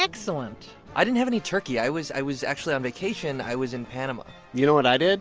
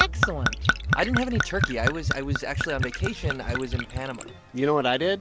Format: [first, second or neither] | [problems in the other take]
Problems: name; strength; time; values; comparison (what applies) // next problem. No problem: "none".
first | background sound (Gurgling / Chink, clink / Liquid); 1 dB above the speech